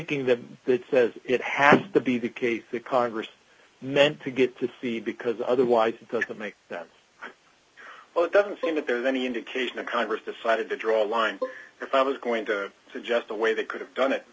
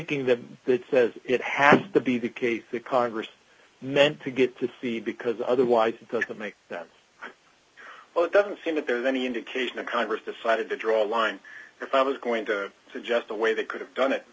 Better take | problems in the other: second | background sound (Bowed string instrument); 11 dB below the speech

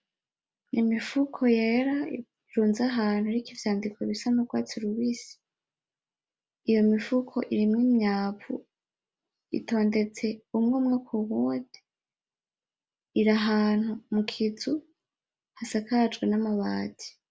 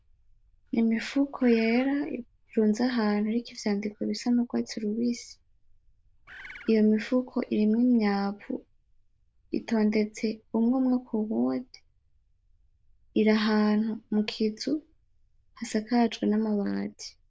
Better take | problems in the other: first | noise reduction (neural diffusion model UNIVERSE++)

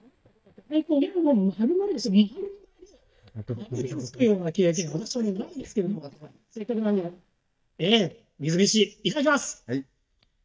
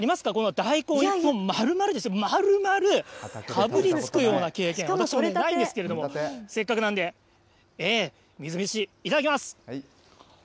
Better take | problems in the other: second | noise reduction (neural mask model DeepFilterNet 3)

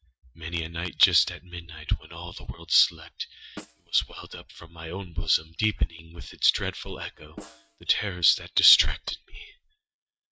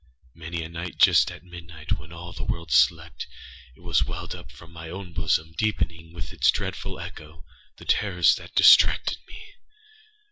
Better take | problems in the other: second | noise reduction (neural mask model RNNoise)

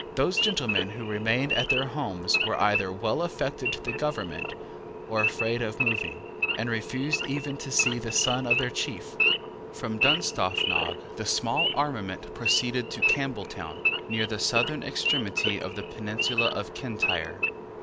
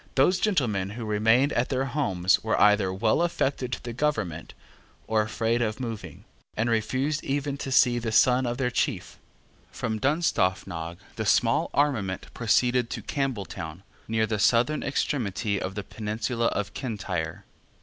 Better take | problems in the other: second | background sound (Idling / Wild animals); as loud as the speech

